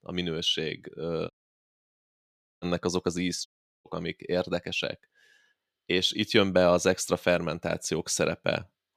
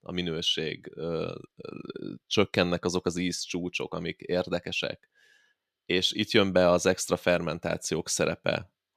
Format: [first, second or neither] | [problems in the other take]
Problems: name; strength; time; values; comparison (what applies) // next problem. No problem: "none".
second | audio cutting out; at 1.5 s for 1.5 s and at 3.5 s